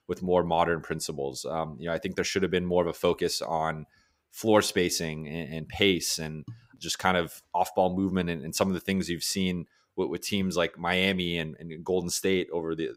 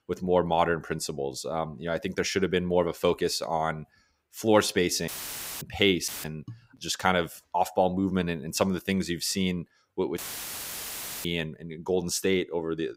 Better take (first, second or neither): first